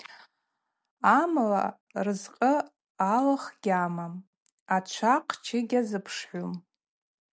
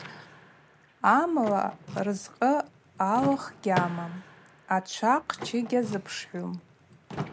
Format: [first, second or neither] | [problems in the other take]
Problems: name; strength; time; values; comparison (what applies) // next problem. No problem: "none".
first | background sound (Door / Car); 12 dB below the speech